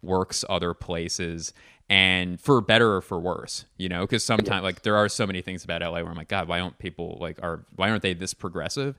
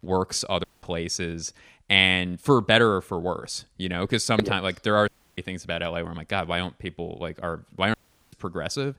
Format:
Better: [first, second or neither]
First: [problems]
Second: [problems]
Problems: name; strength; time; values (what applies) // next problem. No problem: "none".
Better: first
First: none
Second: audio cutting out; at 0.5 s, at 5 s and at 8 s